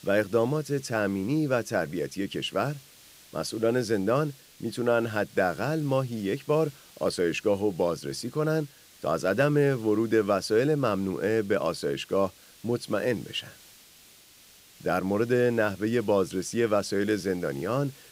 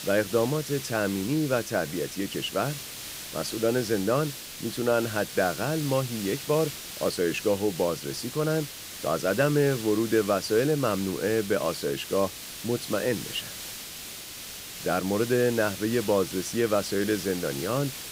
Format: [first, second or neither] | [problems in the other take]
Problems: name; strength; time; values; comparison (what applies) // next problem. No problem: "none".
first | hiss; loud; throughout; 9 dB below the speech; faint in the first